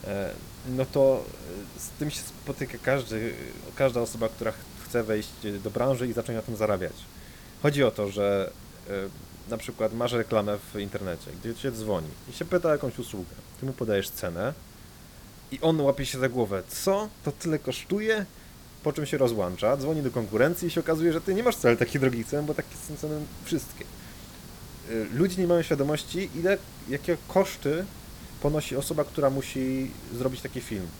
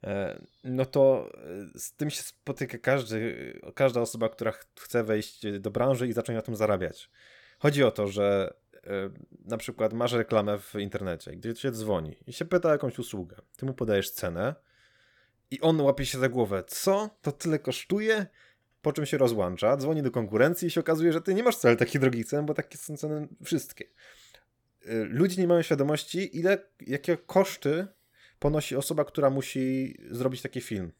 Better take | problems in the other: second | hiss; noticeable; throughout; 15 dB below the speech

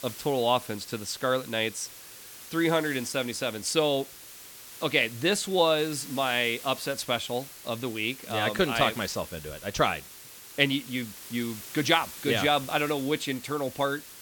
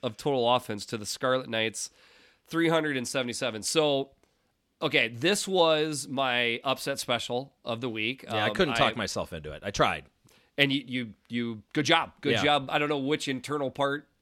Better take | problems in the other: second | hiss; noticeable; throughout; 15 dB below the speech

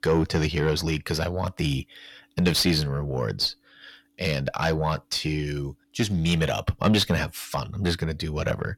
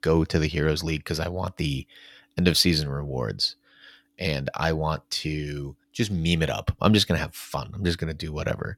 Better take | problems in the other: second | distortion; slight; 10 dB below the speech

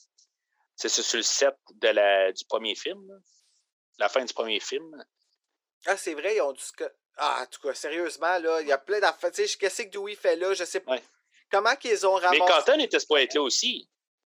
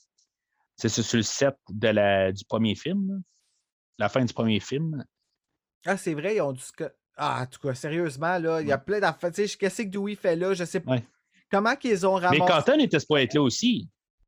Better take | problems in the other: second | thin; very; fading below 350 Hz

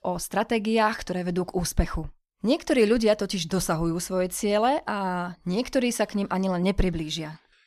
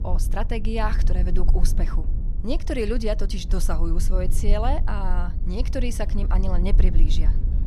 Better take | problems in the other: first | low rumble; noticeable; throughout; 15 dB below the speech

